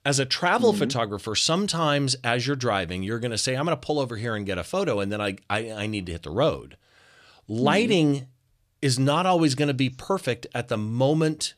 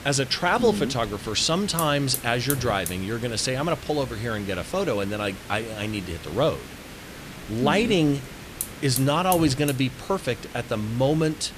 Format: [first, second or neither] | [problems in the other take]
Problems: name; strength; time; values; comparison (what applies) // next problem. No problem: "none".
first | hiss; noticeable; throughout; 10 dB below the speech